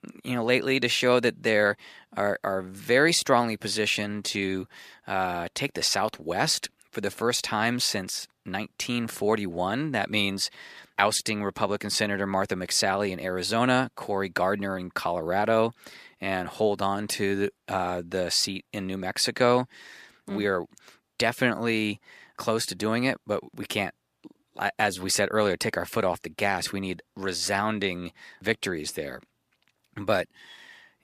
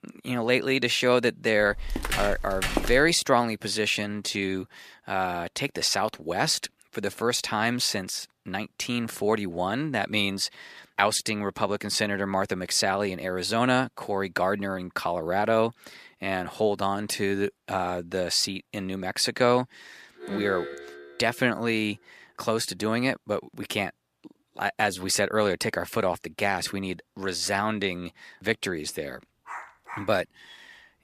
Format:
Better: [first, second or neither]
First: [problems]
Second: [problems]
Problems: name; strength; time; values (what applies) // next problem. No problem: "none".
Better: first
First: none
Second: footsteps; noticeable; from 1.5 to 3 s; peak 2 dB below the speech // alarm; noticeable; from 20 to 21 s; peak 9 dB below the speech // dog barking; faint; at 29 s; peak 15 dB below the speech